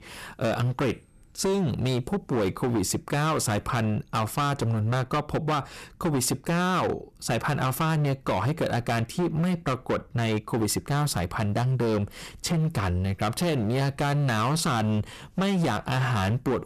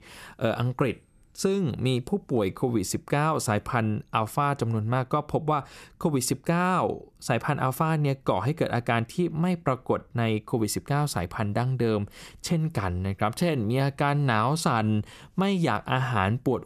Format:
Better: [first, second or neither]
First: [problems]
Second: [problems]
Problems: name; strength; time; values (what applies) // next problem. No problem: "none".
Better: second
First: distortion; heavy; 20% of the sound clipped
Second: none